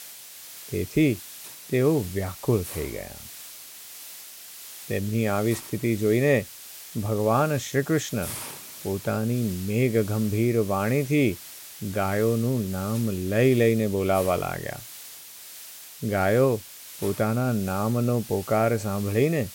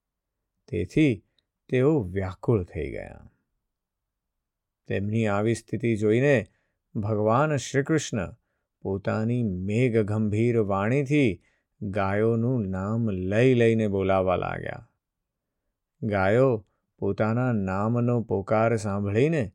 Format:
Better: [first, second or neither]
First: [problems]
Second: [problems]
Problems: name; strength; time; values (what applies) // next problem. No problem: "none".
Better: second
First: hiss; noticeable; throughout; 15 dB below the speech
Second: none